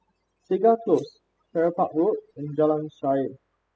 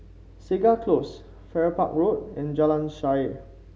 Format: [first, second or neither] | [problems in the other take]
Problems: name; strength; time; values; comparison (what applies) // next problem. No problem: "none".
second | noise reduction (classical method spectral subtraction)